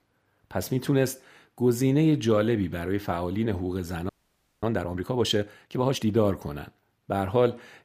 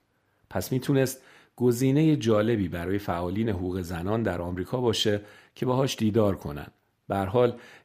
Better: second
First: audio freezing; at 4 s for 0.5 s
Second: none

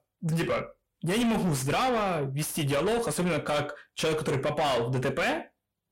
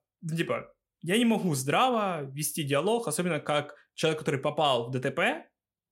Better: second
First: distortion; heavy; 6 dB below the speech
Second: none

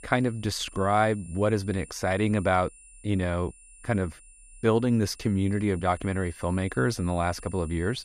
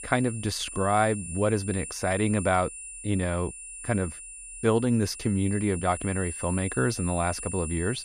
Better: first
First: high-pitched whine; faint; throughout; 9.5 kHz, 20 dB below the speech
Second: high-pitched whine; loud; throughout; 9.5 kHz, 9 dB below the speech

